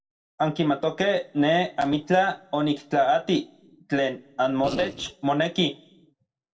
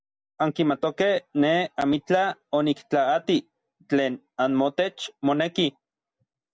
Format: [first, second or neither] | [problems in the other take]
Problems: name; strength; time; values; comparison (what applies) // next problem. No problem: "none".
second | noise reduction (neural separator model SepFormer DNS4)